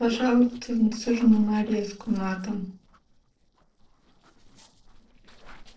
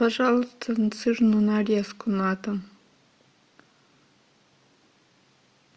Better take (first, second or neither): second